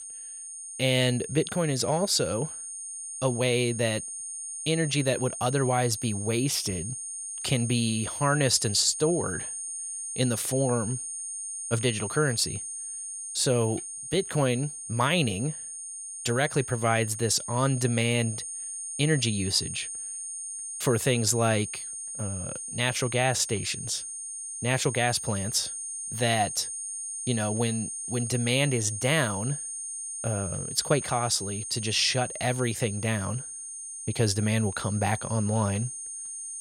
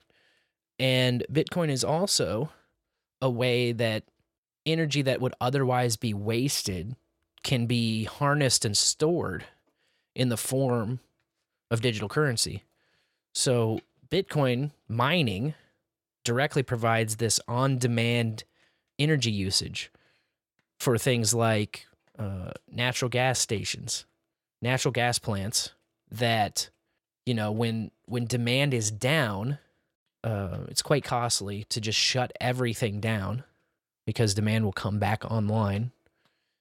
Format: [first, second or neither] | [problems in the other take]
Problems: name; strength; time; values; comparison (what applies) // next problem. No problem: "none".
second | high-pitched whine; loud; throughout; 9 kHz, 7 dB below the speech